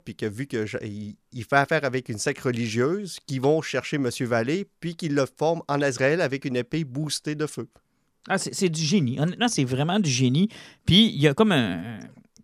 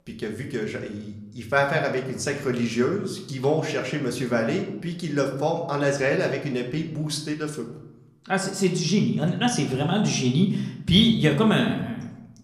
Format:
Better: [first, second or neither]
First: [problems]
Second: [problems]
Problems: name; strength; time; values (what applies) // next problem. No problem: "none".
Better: first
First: none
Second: room echo; slight; dies away in 0.7 s // off-mic speech; somewhat distant